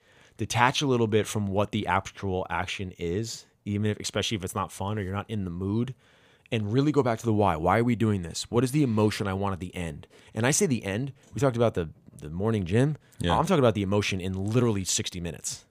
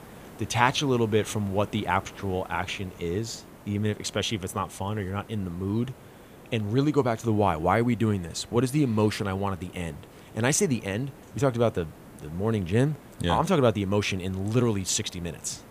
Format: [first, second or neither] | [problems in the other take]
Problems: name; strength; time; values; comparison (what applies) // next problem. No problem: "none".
first | hiss; faint; throughout; 20 dB below the speech